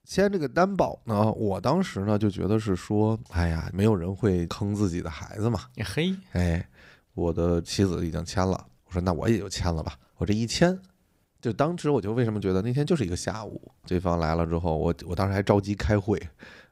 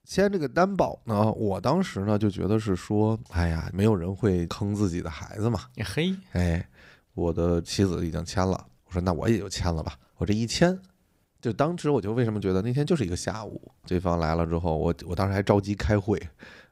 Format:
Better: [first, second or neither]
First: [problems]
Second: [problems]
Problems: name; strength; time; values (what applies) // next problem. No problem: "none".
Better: neither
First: none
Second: none